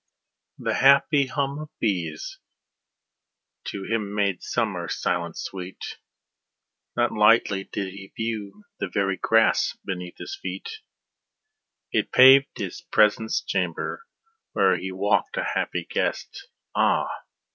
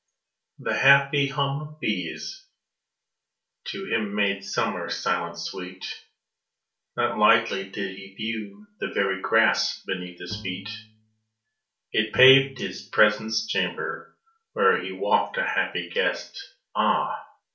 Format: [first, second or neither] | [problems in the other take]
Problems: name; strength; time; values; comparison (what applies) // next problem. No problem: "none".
first | background sound (Bowed string instrument); 18 dB below the speech // room echo; dies away in 0.3 s